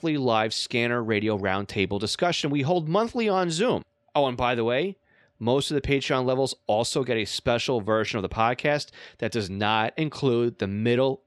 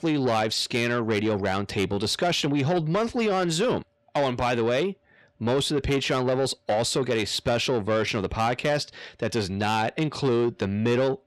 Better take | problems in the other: first | distortion; slight; 10 dB below the speech

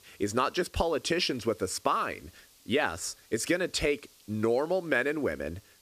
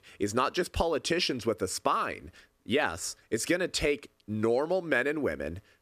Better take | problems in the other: second | hiss; faint; throughout; 25 dB below the speech

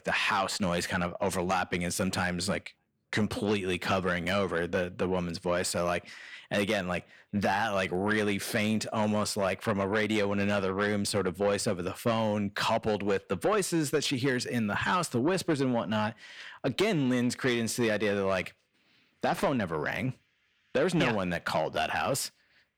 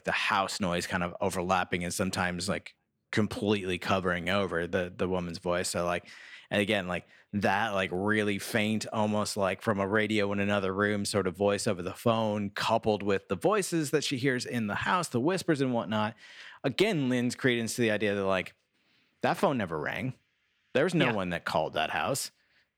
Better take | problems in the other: second | distortion; slight; 10 dB below the speech

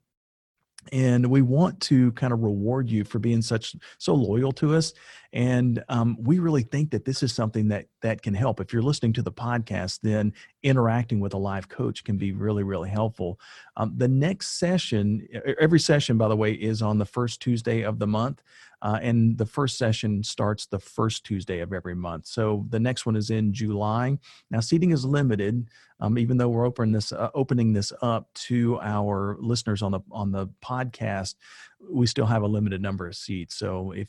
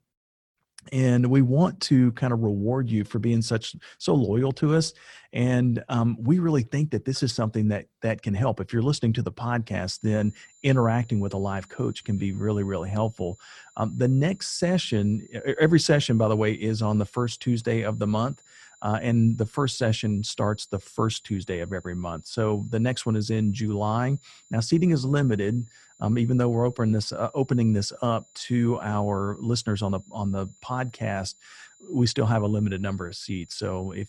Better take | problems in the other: first | high-pitched whine; faint; from 10 s on; 7 kHz, 30 dB below the speech

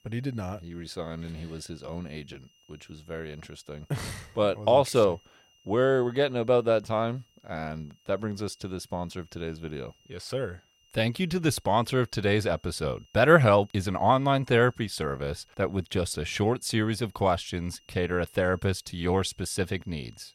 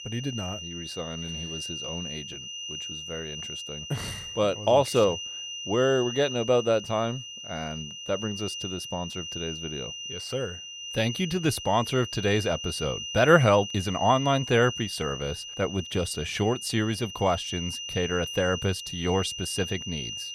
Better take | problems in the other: first | high-pitched whine; loud; throughout; 3 kHz, 8 dB below the speech; faint in the first

